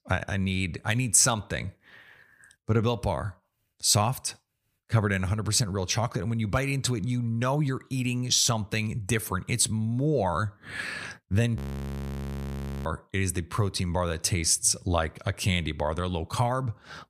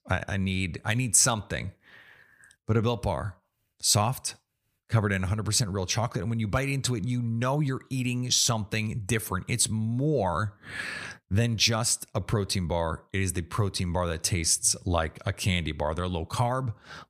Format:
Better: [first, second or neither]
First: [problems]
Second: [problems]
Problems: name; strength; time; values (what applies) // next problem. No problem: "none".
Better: second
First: audio freezing; at 12 s for 1.5 s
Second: none